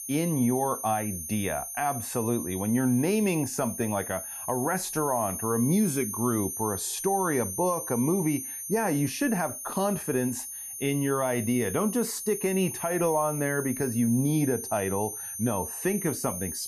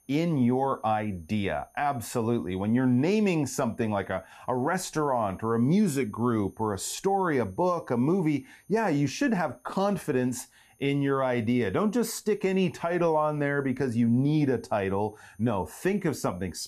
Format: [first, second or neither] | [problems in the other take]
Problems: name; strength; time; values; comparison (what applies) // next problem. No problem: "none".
second | high-pitched whine; loud; throughout; 9.5 kHz, 6 dB below the speech; faint in the second